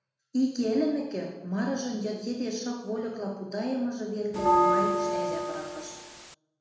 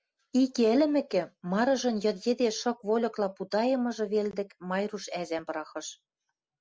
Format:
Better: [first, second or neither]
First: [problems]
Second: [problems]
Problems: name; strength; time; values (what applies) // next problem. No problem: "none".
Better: second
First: background sound (Bell); 5 dB above the speech // room echo; dies away in 1 s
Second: none